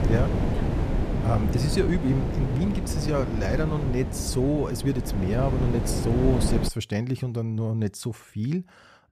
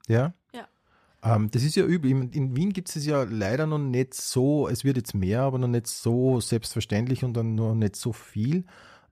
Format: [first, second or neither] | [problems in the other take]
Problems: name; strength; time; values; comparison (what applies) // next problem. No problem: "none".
second | wind noise on the microphone; heavy; until 6.5 s; 3 dB below the speech